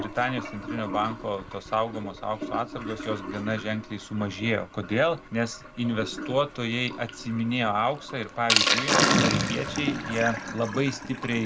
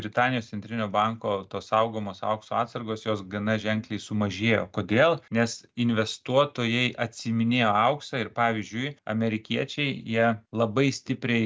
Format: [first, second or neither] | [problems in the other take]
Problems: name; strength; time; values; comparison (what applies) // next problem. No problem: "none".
second | background sound (Sink (filling or washing)); 2 dB below the speech